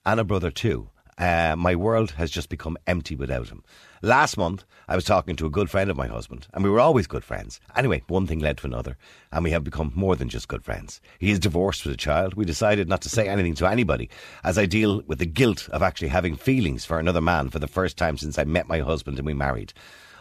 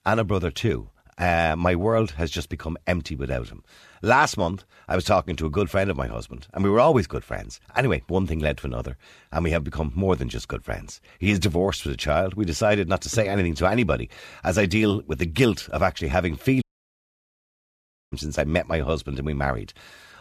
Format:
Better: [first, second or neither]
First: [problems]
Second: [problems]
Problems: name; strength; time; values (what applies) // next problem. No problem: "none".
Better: first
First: none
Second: audio cutting out; at 17 s for 1.5 s